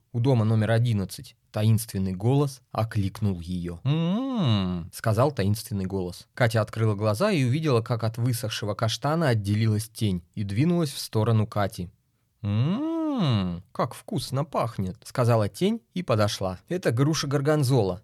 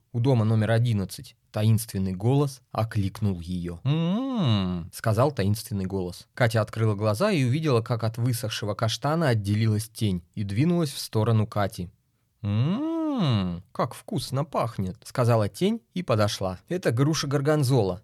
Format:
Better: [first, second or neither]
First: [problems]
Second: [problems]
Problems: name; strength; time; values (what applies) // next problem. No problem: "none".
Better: neither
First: none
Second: none